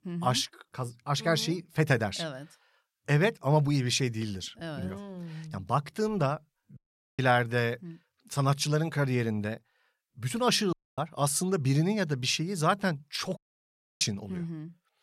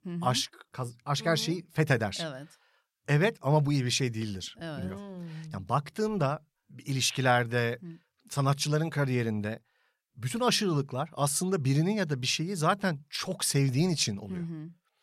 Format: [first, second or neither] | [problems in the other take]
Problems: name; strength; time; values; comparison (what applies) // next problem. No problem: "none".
second | audio cutting out; at 7 s, at 11 s and at 13 s for 0.5 s